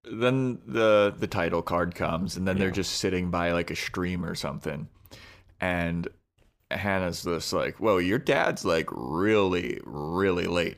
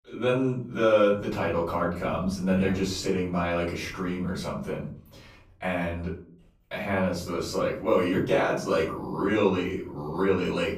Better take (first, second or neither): first